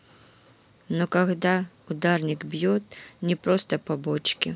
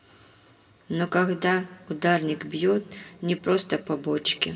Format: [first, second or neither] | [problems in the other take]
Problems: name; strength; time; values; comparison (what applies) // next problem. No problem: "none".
first | room echo; dies away in 2.7 s